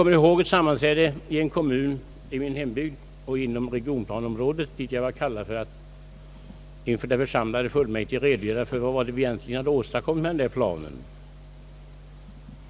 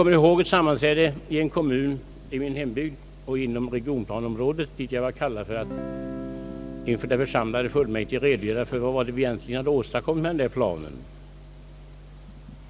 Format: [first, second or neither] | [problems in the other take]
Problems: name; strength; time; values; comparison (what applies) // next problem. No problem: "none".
first | background sound (Guitar); 17 dB below the speech